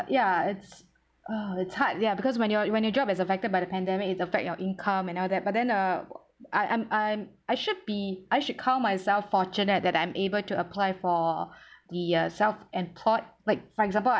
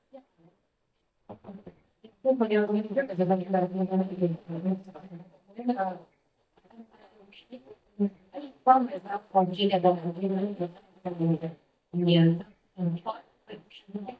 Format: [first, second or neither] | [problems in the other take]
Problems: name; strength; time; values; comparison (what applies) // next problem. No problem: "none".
first | noise reduction (neural mask model DeepFilterNet 3)